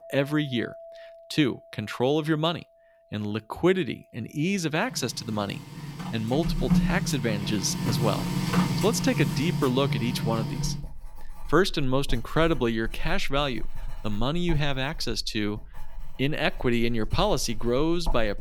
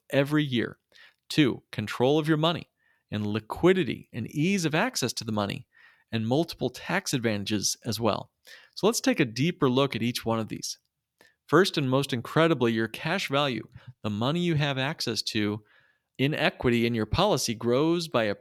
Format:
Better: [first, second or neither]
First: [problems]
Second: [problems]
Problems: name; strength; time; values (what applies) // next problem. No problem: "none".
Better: second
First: household noises; loud; throughout; 4 dB below the speech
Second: none